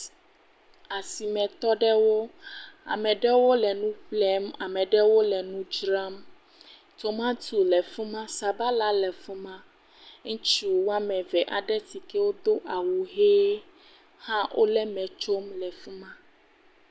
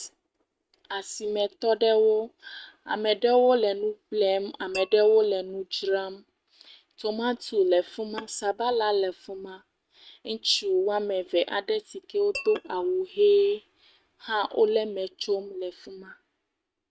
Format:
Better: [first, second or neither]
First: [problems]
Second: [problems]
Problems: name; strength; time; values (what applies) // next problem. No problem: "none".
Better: first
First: none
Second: noise reduction (neural mask model RNNoise)